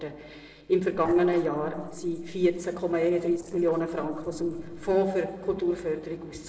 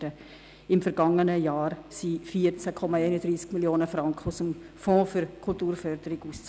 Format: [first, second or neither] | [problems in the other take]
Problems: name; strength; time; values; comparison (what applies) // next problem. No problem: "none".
second | noise reduction (neural separator model SepFormer DNS4)